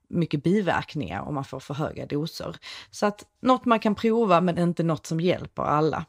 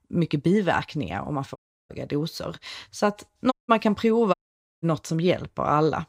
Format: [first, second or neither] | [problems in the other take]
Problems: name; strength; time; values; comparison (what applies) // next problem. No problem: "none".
first | audio cutting out; at 1.5 s, at 3.5 s and at 4.5 s